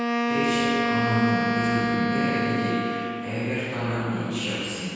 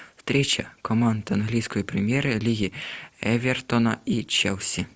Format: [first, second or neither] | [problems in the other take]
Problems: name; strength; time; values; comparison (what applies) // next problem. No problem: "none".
second | background sound (Wind instrument, woodwind instrument); 1 dB above the speech // room echo; dies away in 2.2 s